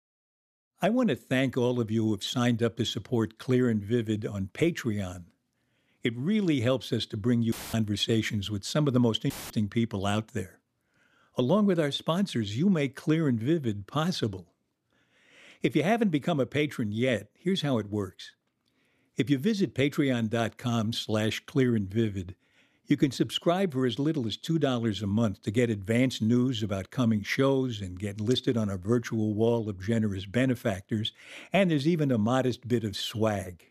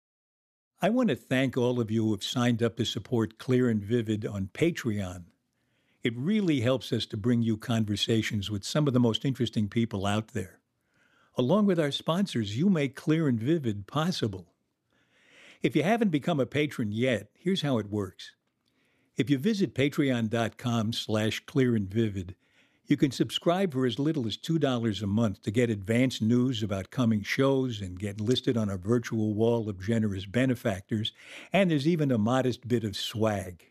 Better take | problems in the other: second | audio cutting out; filled with static; at 7.5 s and at 9.5 s

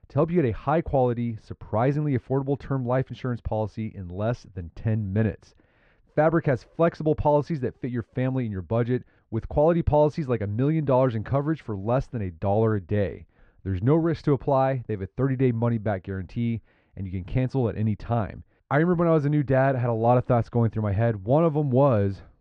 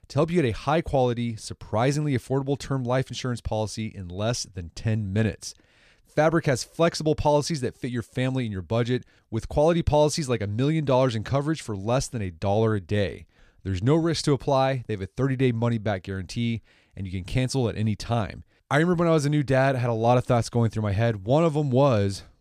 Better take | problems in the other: second | muffled; very; fading above 1.5 kHz

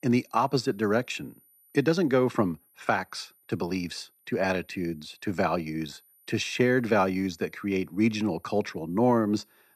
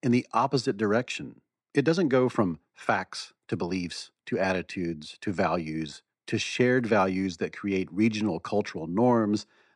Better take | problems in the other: second | high-pitched whine; faint; throughout; 12 kHz, 30 dB below the speech

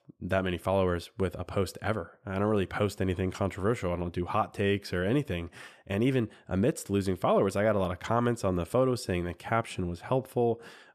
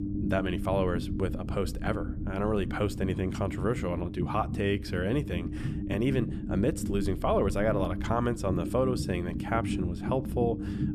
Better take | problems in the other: first | low rumble; loud; throughout; 9 dB below the speech

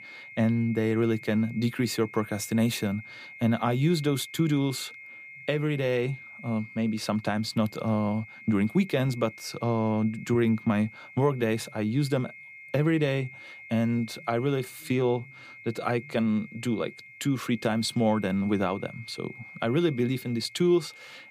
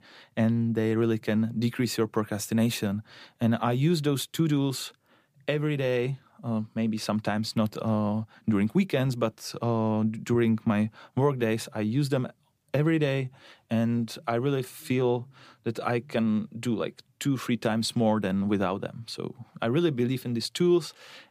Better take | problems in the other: second | high-pitched whine; noticeable; throughout; 2 kHz, 15 dB below the speech

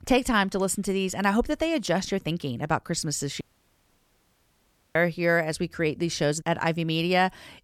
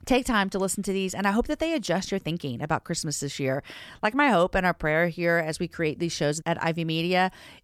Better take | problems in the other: second | audio cutting out; at 3.5 s for 1.5 s

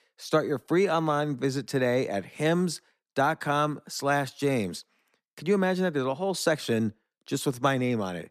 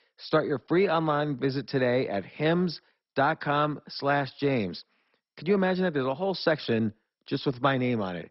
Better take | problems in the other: first | garbled, watery; badly; nothing above 5.5 kHz

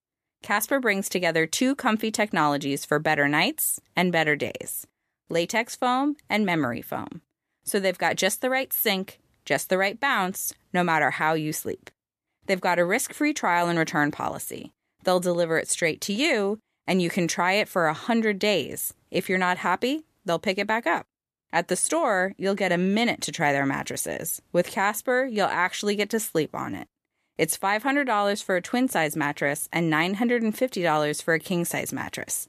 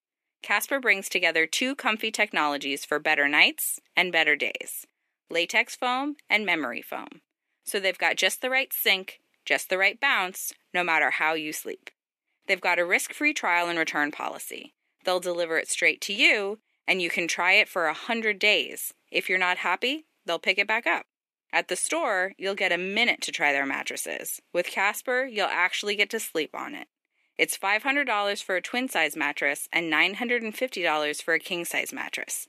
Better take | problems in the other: first | thin; very slightly; fading below 300 Hz

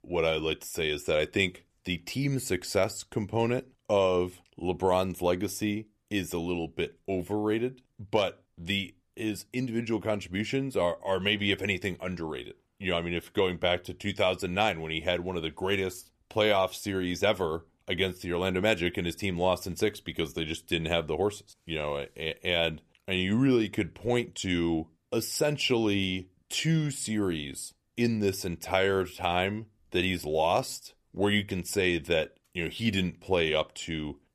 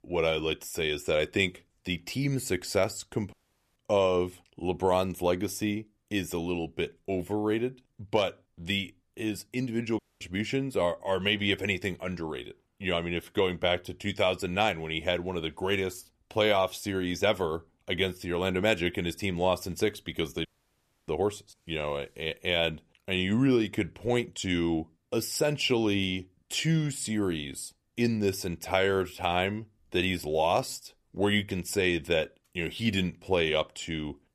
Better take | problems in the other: first | audio cutting out; at 3.5 s, at 10 s and at 20 s for 0.5 s

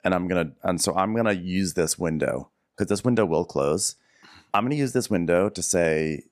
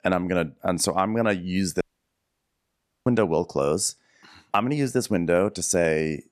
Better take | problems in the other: first | audio cutting out; at 2 s for 1.5 s

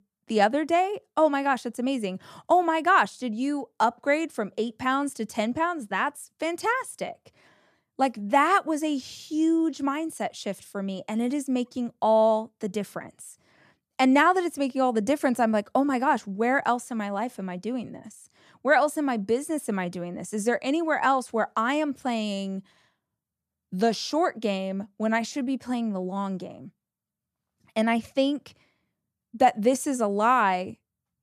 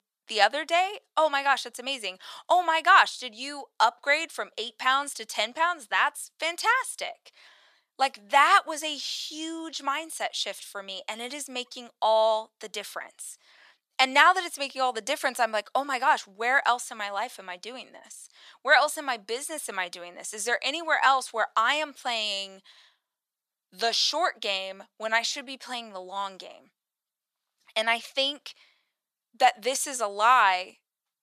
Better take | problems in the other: first | thin; very; fading below 850 Hz

